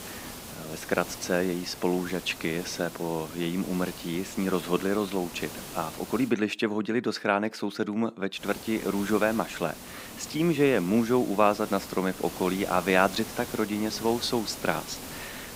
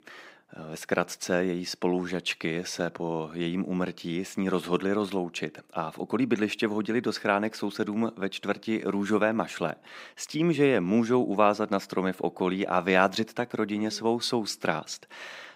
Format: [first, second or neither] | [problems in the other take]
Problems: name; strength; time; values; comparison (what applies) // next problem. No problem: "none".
second | hiss; noticeable; until 6.5 s and from 8.5 s on; 10 dB below the speech